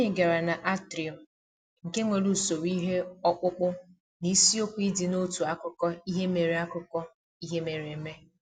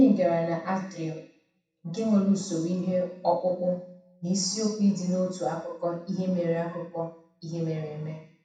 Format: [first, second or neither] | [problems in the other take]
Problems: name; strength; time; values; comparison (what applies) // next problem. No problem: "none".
first | room echo; dies away in 0.7 s